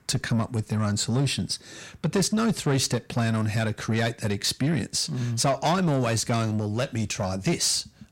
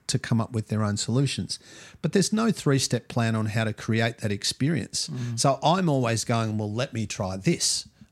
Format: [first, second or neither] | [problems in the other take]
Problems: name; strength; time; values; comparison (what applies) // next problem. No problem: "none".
second | distortion; slight; 10 dB below the speech